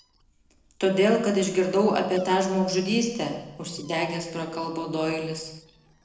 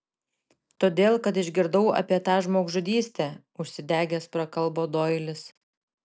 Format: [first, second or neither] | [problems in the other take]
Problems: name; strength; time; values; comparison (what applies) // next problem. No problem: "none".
second | noise reduction (neural separator model SepFormer DNS4)